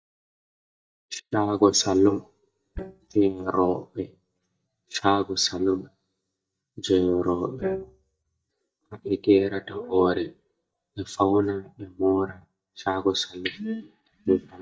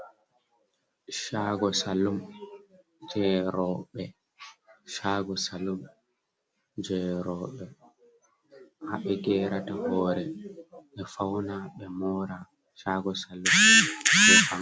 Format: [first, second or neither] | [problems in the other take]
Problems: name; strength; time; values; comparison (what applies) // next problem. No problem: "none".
second | noise reduction (neural mask model DeepFilterNet 3)